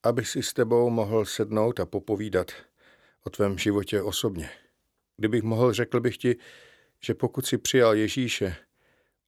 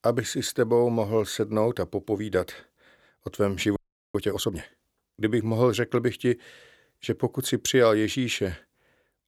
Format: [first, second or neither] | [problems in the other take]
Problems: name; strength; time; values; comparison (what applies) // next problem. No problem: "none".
first | audio freezing; at 4 s